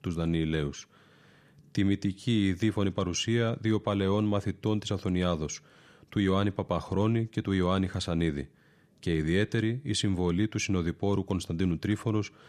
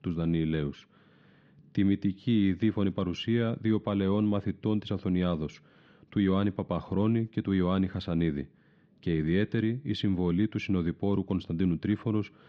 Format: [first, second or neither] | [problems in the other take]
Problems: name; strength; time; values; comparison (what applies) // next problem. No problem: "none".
first | muffled; slightly; fading above 4 kHz